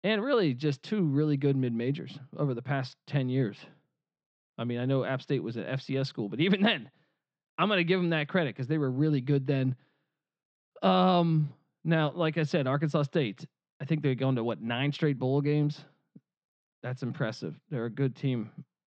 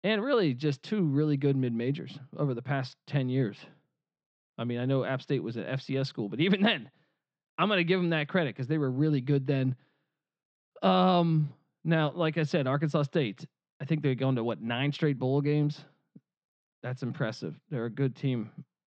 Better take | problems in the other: neither | muffled; very slightly; fading above 4 kHz; the same in both

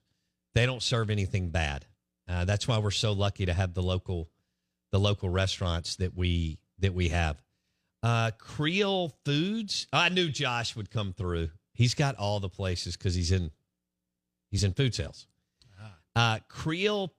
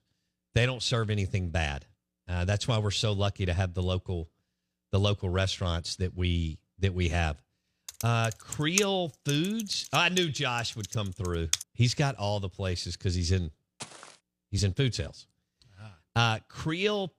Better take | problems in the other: first | keyboard typing; noticeable; from 8 to 12 s; peak 1 dB below the speech // footsteps; faint; at 14 s; peak 15 dB below the speech

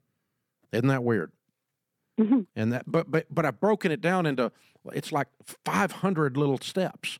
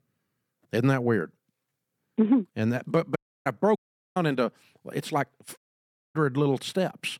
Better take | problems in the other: first | audio cutting out; at 3 s, at 4 s and at 5.5 s for 0.5 s

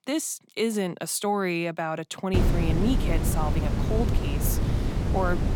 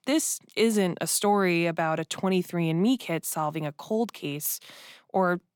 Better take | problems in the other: second | wind noise on the microphone; heavy; from 2.5 s on; 5 dB below the speech

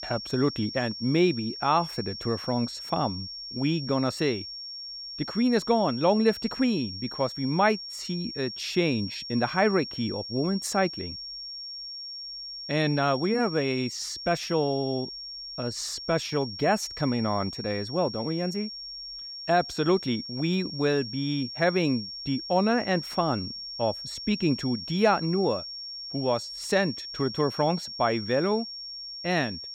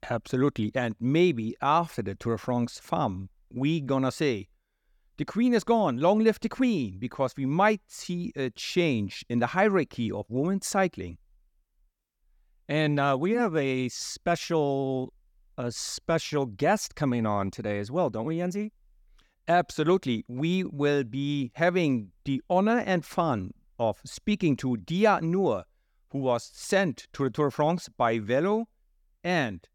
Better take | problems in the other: second | high-pitched whine; loud; throughout; 5.5 kHz, 8 dB below the speech

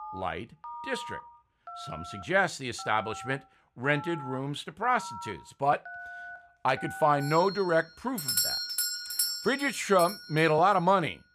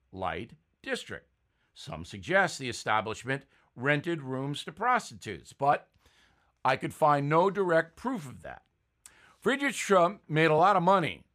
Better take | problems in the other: second | alarms or sirens; loud; throughout; 7 dB below the speech

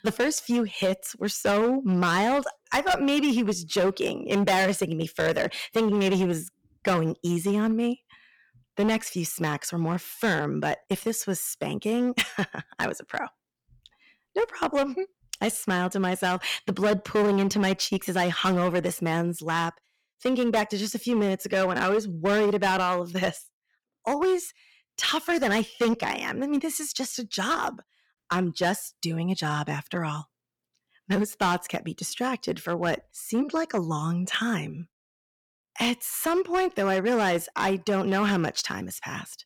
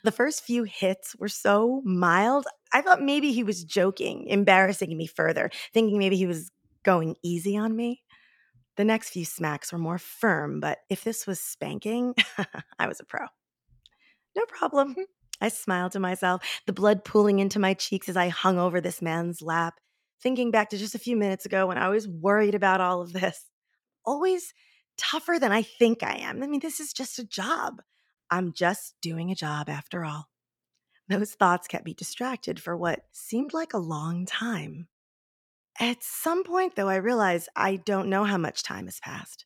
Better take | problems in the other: second | distortion; heavy; 8% of the sound clipped

